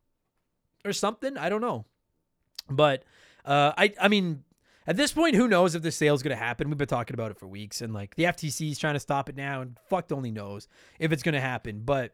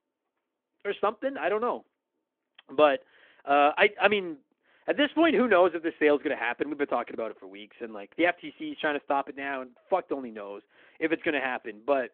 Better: first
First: none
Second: phone-call audio

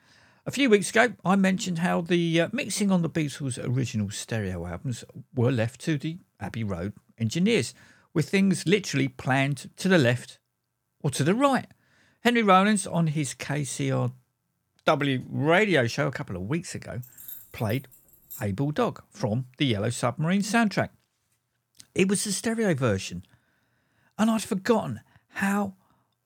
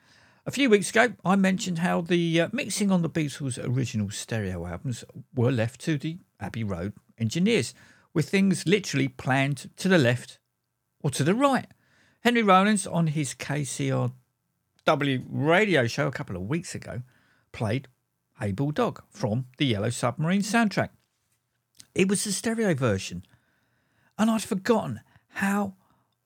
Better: second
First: jangling keys; faint; from 17 to 18 s; peak 15 dB below the speech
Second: none

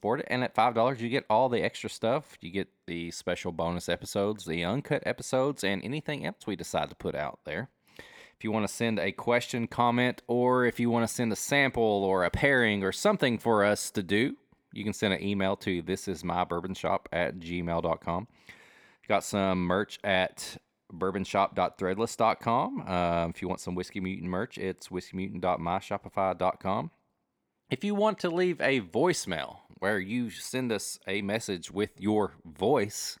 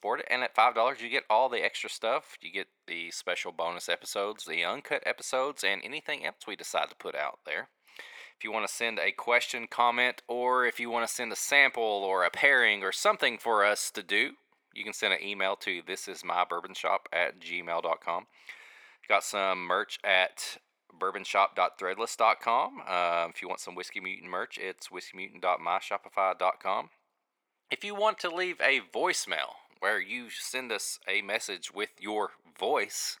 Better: first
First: none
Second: thin; very; fading below 600 Hz

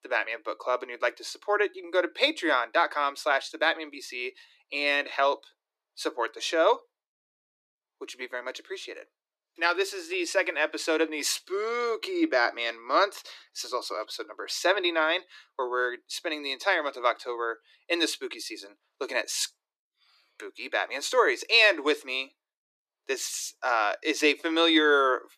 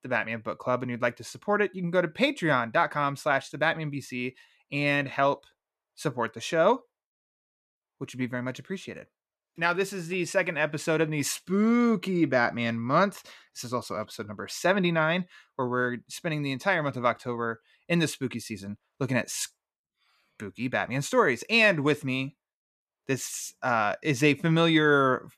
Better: second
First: thin; very; fading below 300 Hz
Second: none

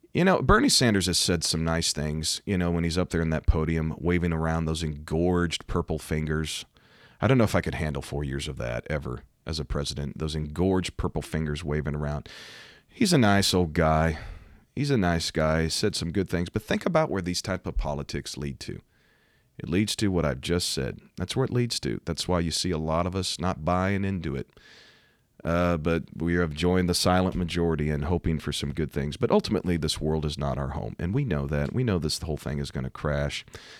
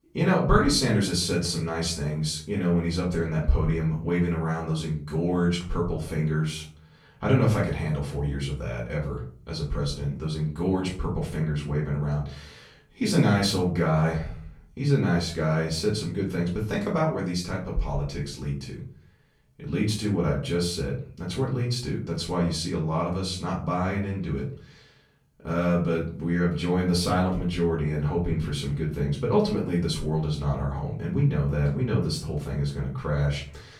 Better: first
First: none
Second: off-mic speech; far // room echo; slight; dies away in 0.4 s

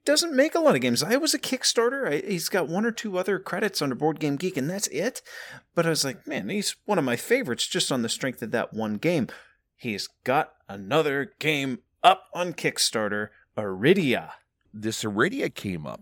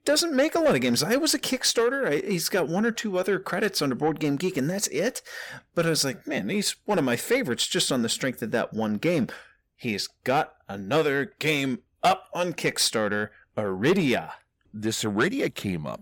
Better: first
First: none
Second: distortion; slight; 10 dB below the speech

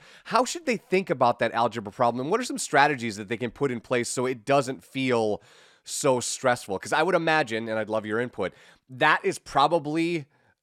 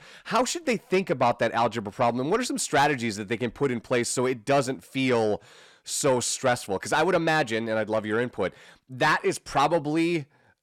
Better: first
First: none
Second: distortion; slight; 10 dB below the speech

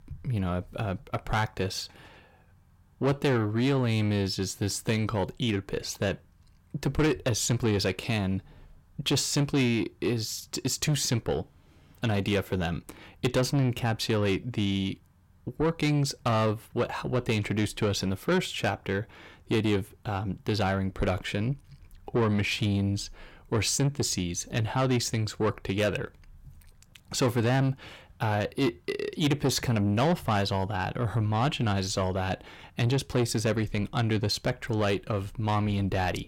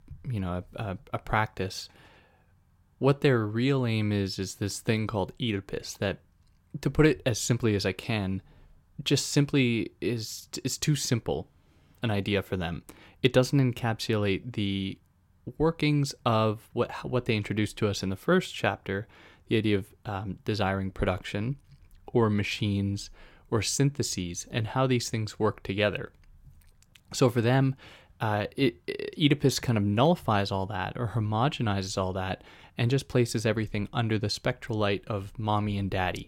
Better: second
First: distortion; slight; 10 dB below the speech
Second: none

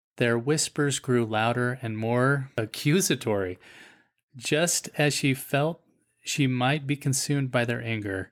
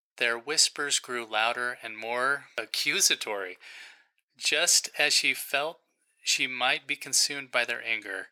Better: first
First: none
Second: thin; very; fading below 700 Hz

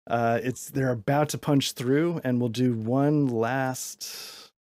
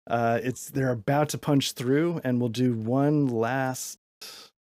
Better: first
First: none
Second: audio cutting out; at 4 s

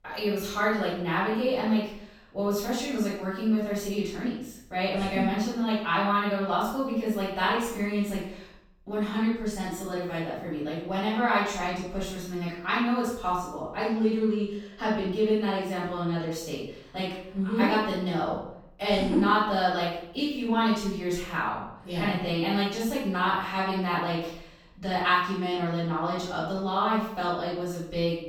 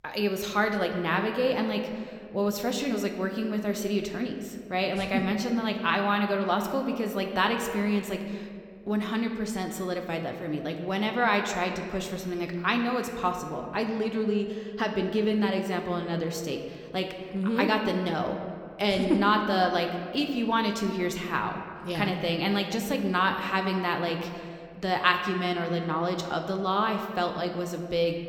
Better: second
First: room echo; strong; dies away in 0.6 s // off-mic speech; far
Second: room echo; slight; dies away in 1.6 s

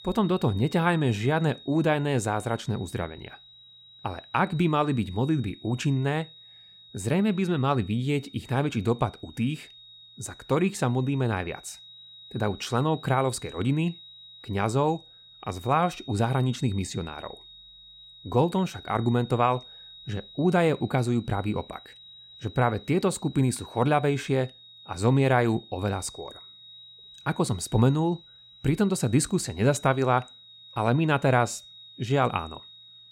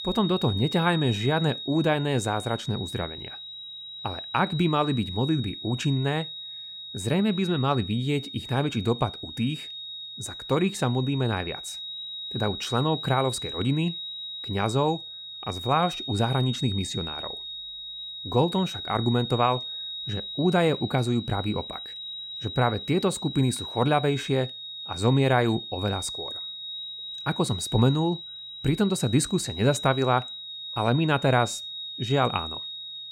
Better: first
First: high-pitched whine; faint; throughout; 4 kHz, 20 dB below the speech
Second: high-pitched whine; loud; throughout; 4 kHz, 8 dB below the speech

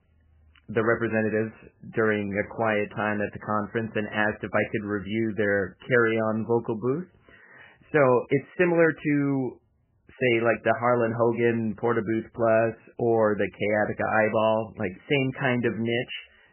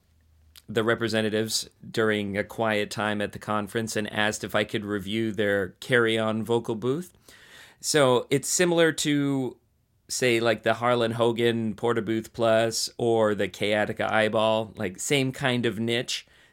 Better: second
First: garbled, watery; badly; nothing above 3 kHz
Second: none

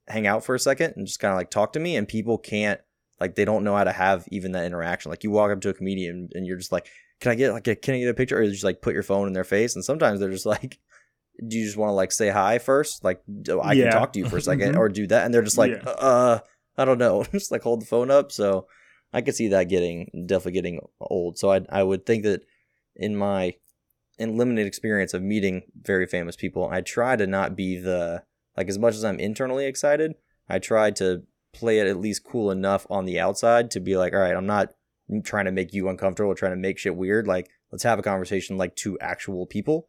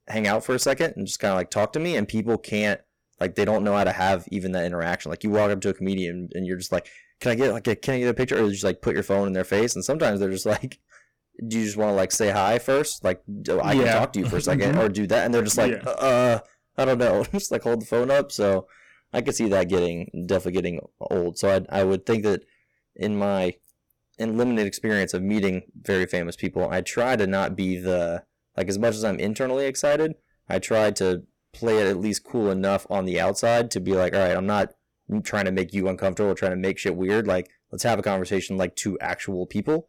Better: first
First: none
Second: distortion; slight; 9% of the sound clipped

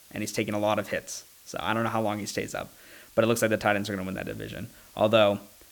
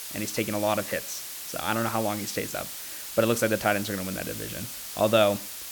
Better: first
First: hiss; faint; throughout; 25 dB below the speech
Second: hiss; loud; throughout; 7 dB below the speech

